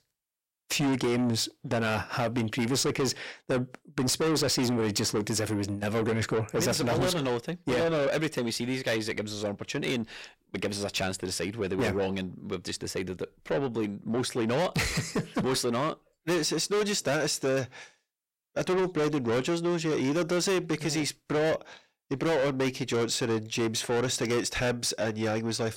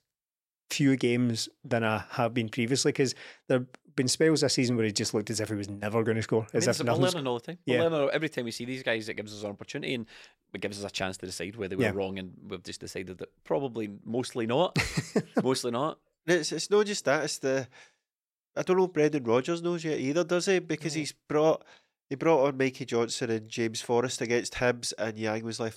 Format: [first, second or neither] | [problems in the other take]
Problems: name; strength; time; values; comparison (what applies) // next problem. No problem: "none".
second | distortion; heavy; 6 dB below the speech